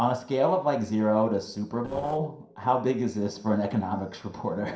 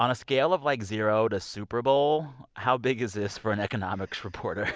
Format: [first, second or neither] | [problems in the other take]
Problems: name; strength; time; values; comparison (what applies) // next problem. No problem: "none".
second | noise reduction (neural separator model SepFormer DNS4)